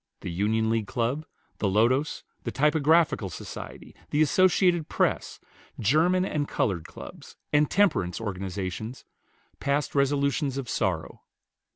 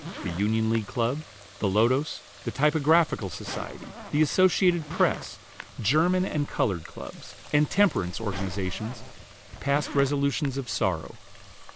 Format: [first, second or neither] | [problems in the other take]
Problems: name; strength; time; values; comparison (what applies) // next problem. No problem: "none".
first | background sound (Zipper (clothing) + Water tap, faucet); 13 dB below the speech